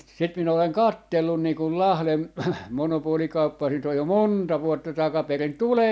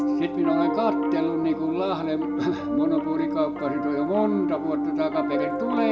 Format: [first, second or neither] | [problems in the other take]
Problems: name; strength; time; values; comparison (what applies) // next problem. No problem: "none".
first | background sound (Piano); as loud as the speech // room echo; dies away in 1 s